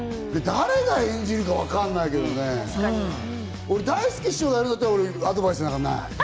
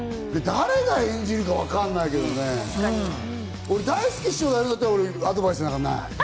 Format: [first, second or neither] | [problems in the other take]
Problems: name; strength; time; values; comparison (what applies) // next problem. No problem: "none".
first | background sound (Engine / Drill); 19 dB below the speech